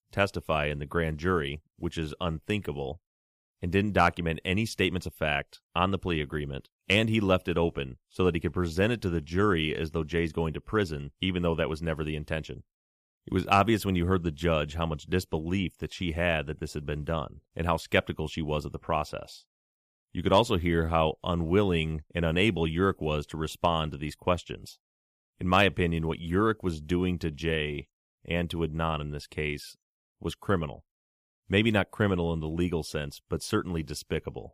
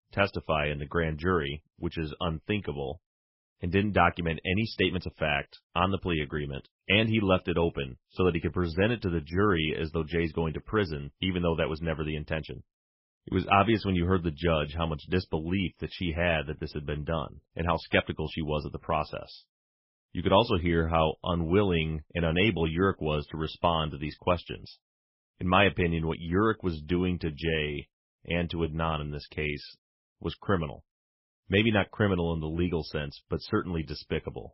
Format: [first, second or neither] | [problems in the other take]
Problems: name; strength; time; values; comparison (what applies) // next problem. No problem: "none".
first | garbled, watery; badly; nothing above 5.5 kHz